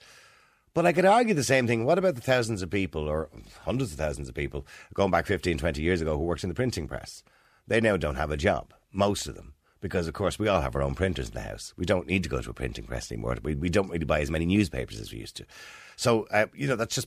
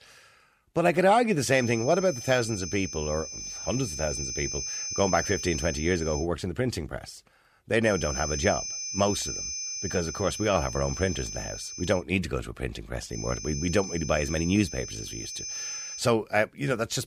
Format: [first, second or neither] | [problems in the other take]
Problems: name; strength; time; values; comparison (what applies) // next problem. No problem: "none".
first | high-pitched whine; loud; from 1.5 to 6 s, from 8 to 12 s and from 13 to 16 s; 6 kHz, 6 dB below the speech